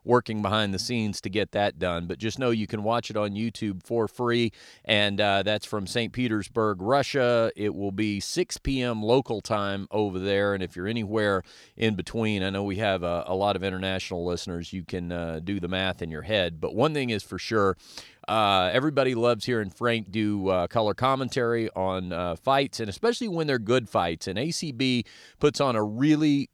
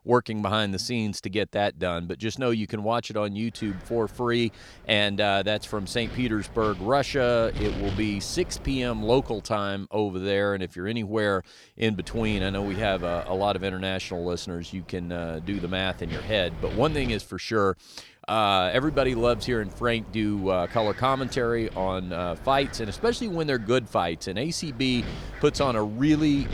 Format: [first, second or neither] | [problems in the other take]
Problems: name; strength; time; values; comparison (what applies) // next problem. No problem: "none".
first | wind noise on the microphone; occasional gusts; from 3.5 to 9.5 s, from 12 to 17 s and from 19 s on; 15 dB below the speech